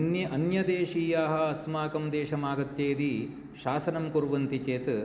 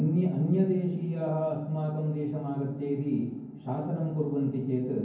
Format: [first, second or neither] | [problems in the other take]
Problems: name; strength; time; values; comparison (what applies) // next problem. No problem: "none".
first | room echo; dies away in 0.9 s